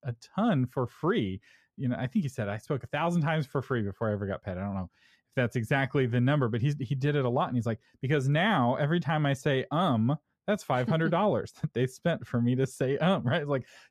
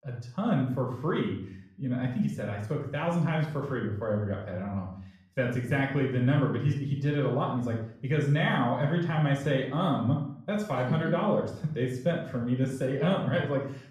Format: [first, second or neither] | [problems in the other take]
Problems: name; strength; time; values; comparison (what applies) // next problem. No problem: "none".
first | off-mic speech; far // room echo; noticeable; dies away in 0.5 s